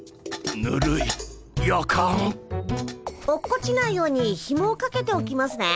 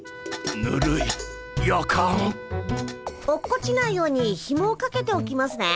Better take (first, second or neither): first